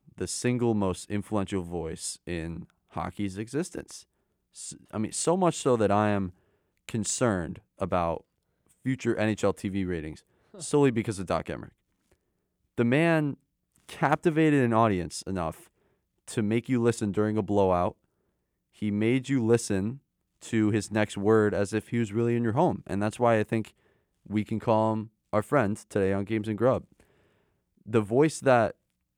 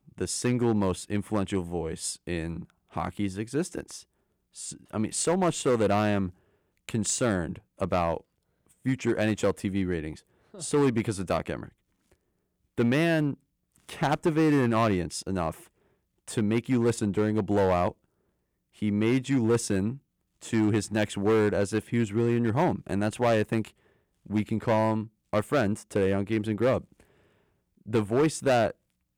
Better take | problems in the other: first | distortion; slight; 4% of the sound clipped

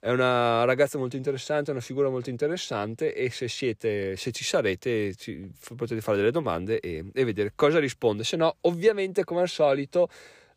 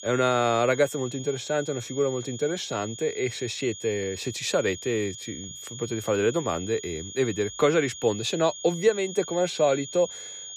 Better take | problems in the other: first | high-pitched whine; noticeable; throughout; 7 kHz, 10 dB below the speech

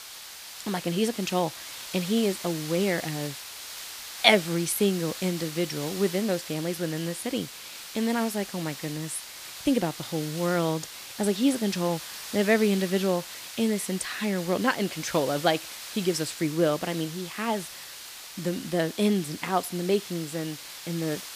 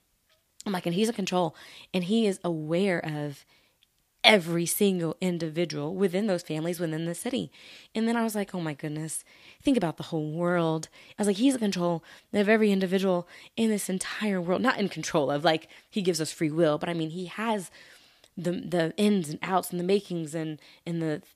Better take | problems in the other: second | hiss; noticeable; throughout; 10 dB below the speech

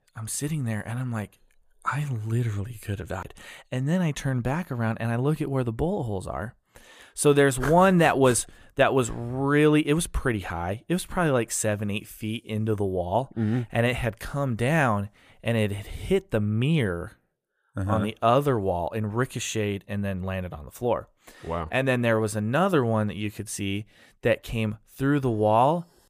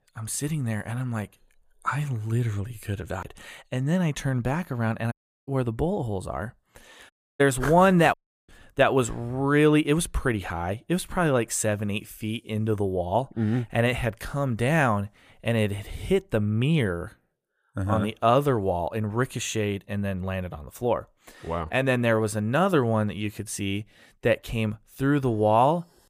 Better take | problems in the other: first | audio cutting out; at 5 s, at 7 s and at 8 s

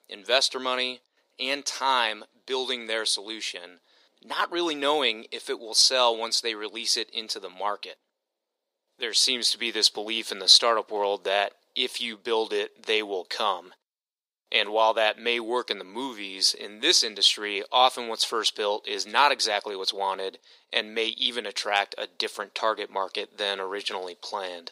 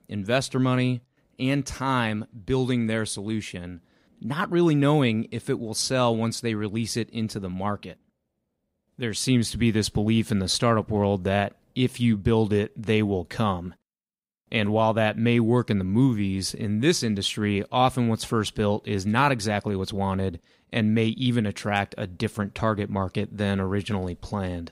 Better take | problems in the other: second | thin; very; fading below 400 Hz

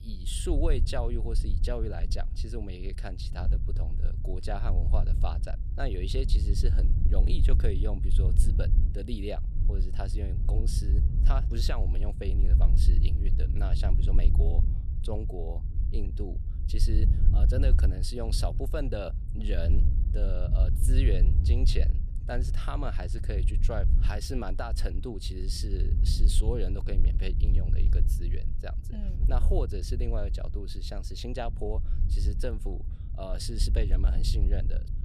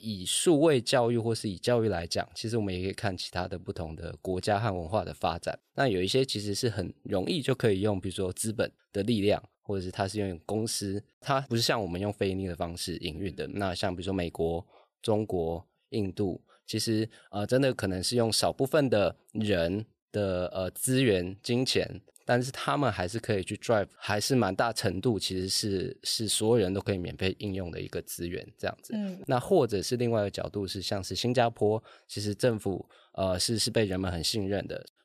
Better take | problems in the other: second | low rumble; loud; throughout; 8 dB below the speech

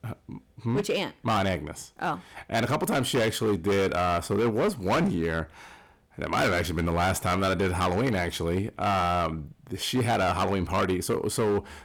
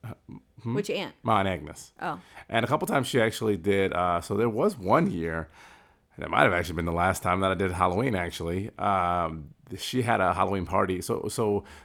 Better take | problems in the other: second | distortion; heavy; 12% of the sound clipped

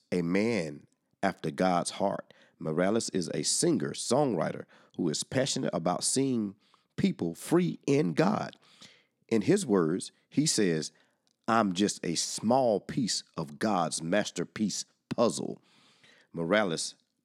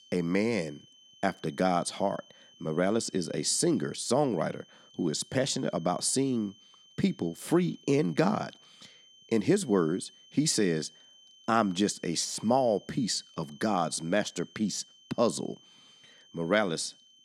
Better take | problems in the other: first | high-pitched whine; faint; throughout; 3 kHz, 25 dB below the speech

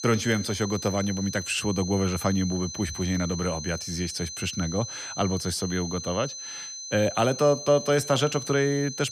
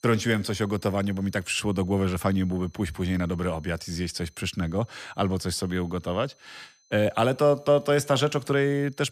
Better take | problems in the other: second | high-pitched whine; loud; throughout; 6 kHz, 8 dB below the speech; faint in the second

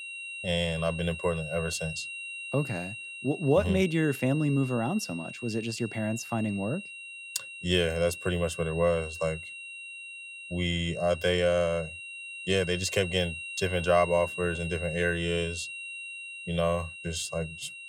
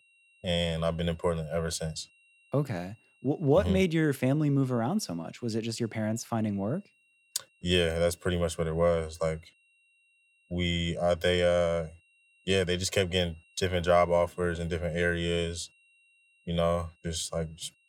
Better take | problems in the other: second | high-pitched whine; loud; throughout; 2.5 kHz, 9 dB below the speech; faint in the second

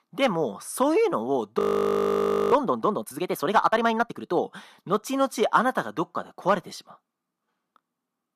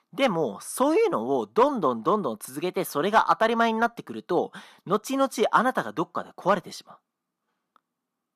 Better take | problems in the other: second | audio freezing; at 1.5 s for 1 s

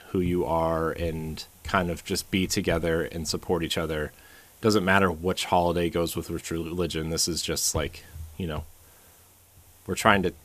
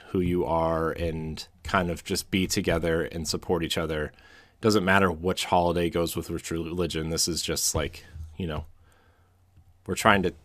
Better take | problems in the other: second | hiss; faint; throughout; 25 dB below the speech

